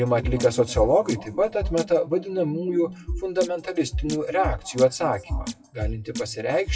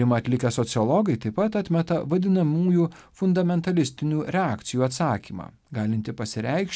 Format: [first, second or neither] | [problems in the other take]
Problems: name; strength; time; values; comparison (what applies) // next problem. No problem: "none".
second | noise reduction (classical method WPE with log-MMSE)